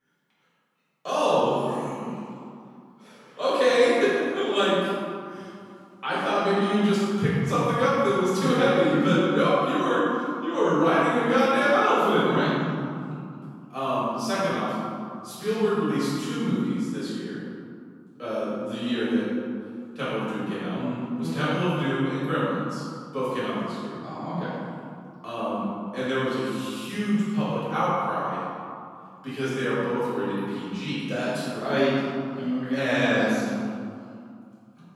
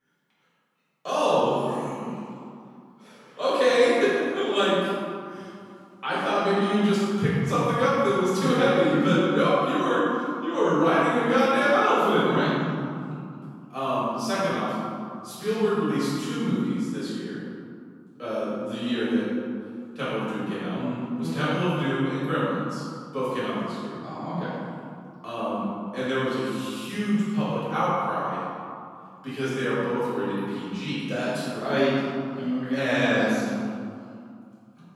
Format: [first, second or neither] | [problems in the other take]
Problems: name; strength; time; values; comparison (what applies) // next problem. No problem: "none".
neither | off-mic speech; far; the same in both // room echo; strong; dies away in 2.2 s; the same in both